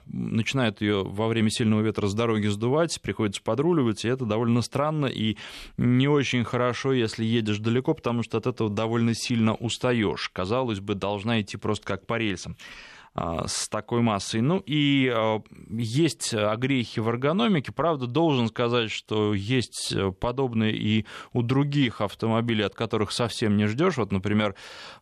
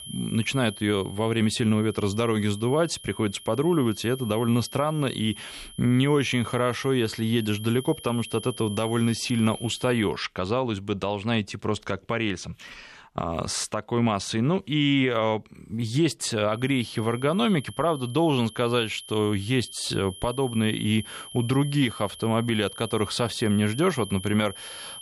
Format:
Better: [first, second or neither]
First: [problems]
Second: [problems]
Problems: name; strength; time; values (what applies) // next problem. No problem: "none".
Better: first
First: none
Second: high-pitched whine; noticeable; until 10 s and from 17 s on; 3 kHz, 15 dB below the speech